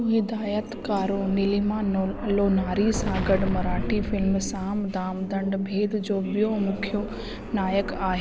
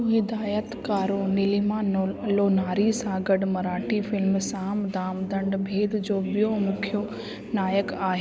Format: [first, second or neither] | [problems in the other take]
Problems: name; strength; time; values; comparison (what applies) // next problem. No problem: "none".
second | background sound (Explosion); 9 dB below the speech